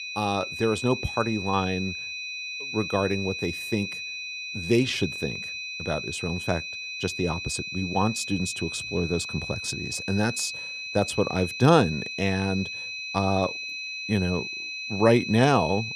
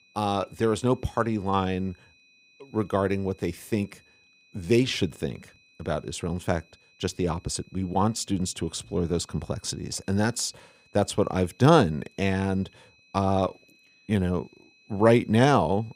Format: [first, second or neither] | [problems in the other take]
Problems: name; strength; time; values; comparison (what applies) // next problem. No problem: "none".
second | high-pitched whine; loud; throughout; 2.5 kHz, 6 dB below the speech; faint in the second